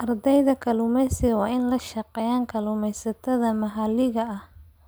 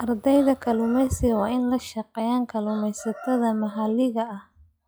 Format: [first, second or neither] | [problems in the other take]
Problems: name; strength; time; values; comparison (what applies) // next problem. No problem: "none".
first | noise reduction (classical method log-MMSE)